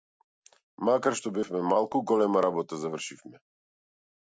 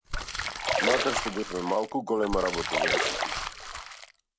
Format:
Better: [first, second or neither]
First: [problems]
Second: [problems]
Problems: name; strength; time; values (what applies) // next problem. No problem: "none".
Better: first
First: none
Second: background sound (Crumpling, crinkling + Splash, splatter); 1 dB above the speech